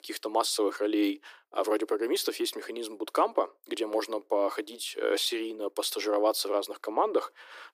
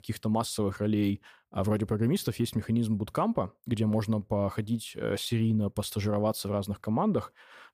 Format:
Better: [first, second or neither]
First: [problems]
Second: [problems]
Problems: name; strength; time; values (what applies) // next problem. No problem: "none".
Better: second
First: thin; very; fading below 300 Hz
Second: none